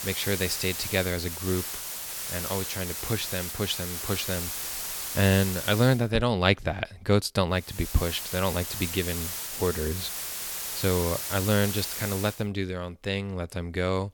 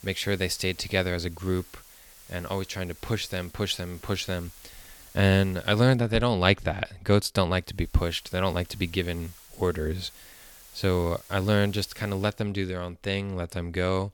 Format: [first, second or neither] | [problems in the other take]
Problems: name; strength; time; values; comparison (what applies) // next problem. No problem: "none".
second | hiss; loud; until 6 s and from 7.5 to 12 s; 4 dB below the speech; faint in the second